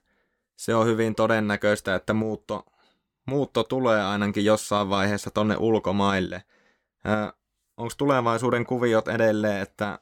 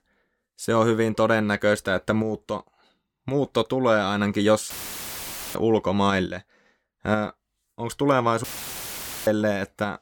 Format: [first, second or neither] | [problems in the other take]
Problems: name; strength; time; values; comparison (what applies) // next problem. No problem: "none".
first | audio cutting out; filled with static; at 4.5 s for 1 s and at 8.5 s for 1 s